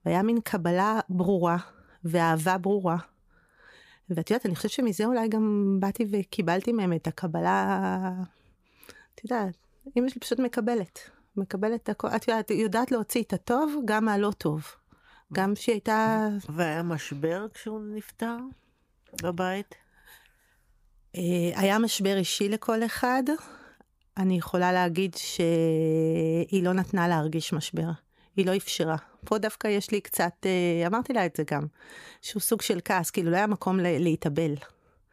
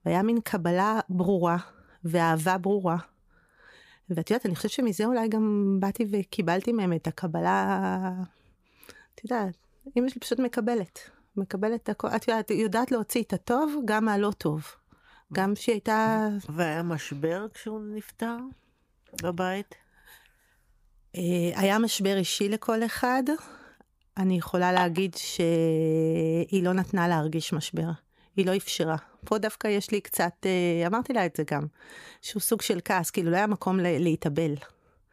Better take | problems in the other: first | clattering dishes; noticeable; at 25 s; peak 5 dB below the speech

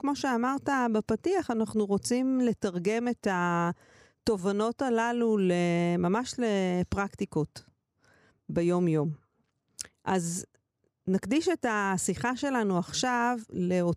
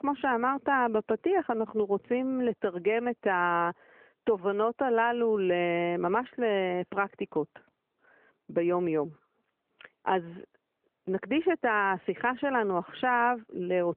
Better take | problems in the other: first | phone-call audio

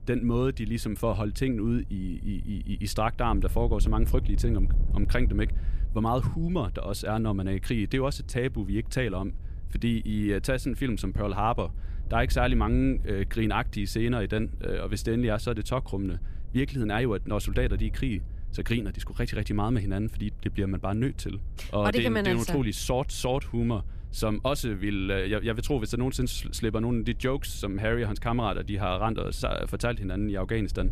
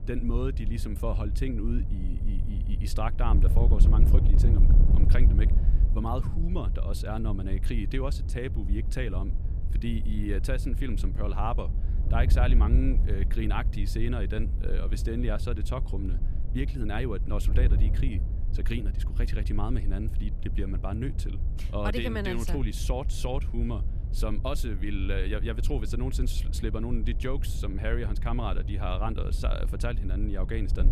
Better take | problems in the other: first | wind noise on the microphone; heavy; 10 dB below the speech; occasional gusts in the first

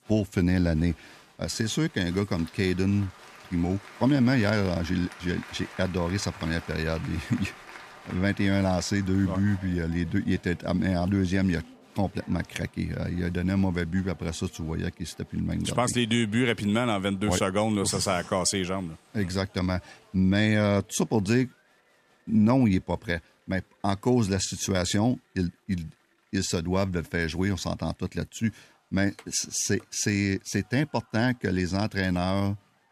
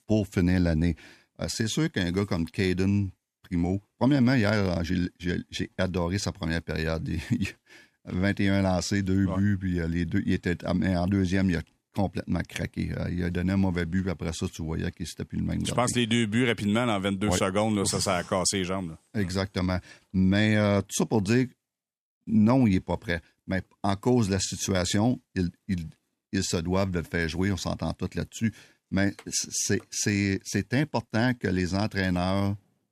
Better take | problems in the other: second | crowd noise; faint; throughout; 20 dB below the speech

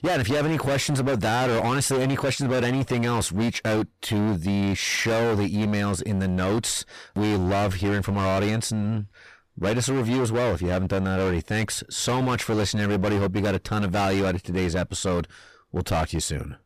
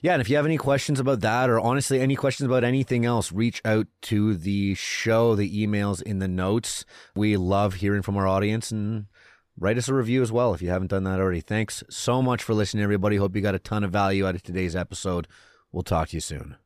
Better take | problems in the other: second | distortion; heavy; 28% of the sound clipped

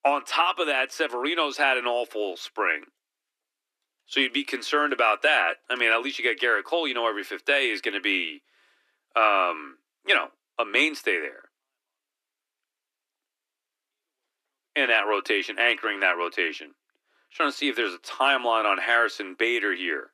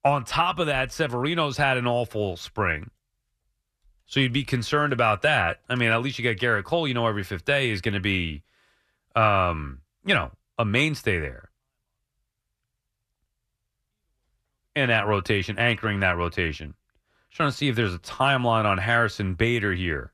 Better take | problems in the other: second | thin; somewhat; fading below 300 Hz

